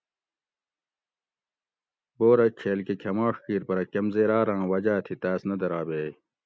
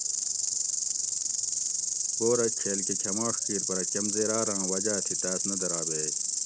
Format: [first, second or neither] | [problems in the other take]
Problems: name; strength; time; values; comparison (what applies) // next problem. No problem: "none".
first | background sound (Insect); 5 dB above the speech